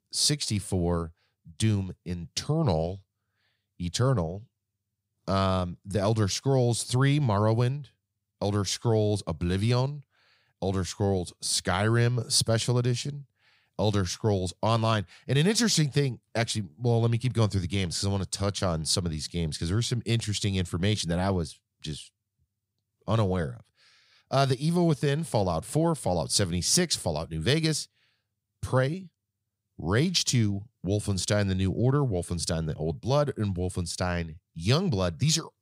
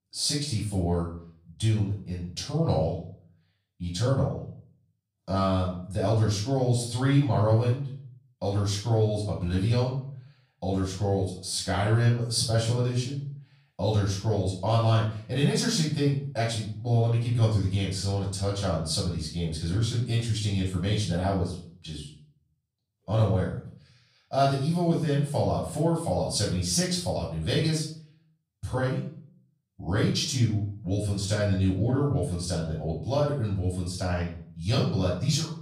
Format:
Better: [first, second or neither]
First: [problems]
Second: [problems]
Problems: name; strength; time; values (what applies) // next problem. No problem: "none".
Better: first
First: none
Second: off-mic speech; far // room echo; noticeable; dies away in 0.4 s